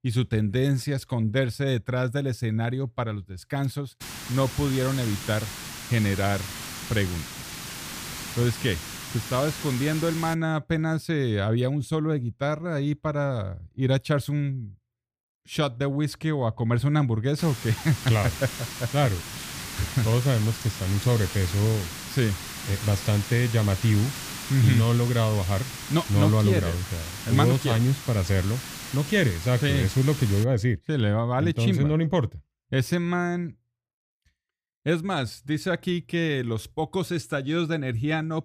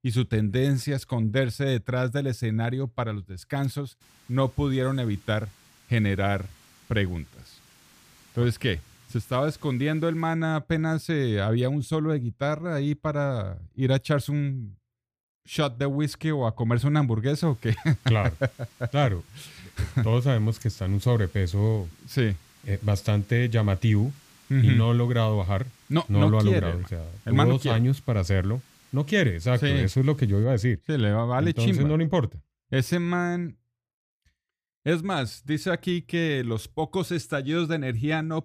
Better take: second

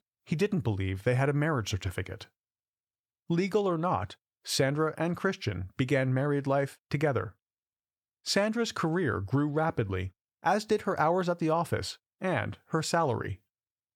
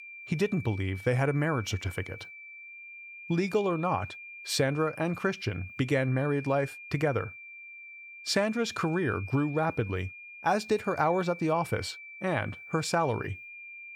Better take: first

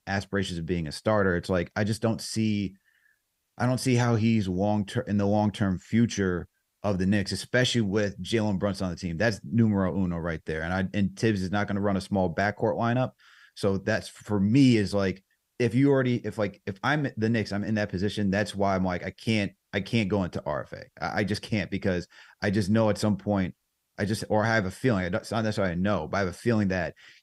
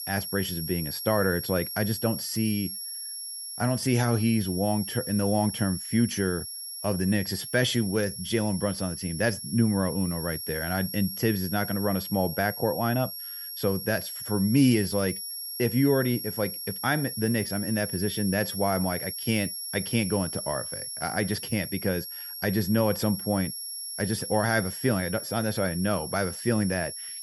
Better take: first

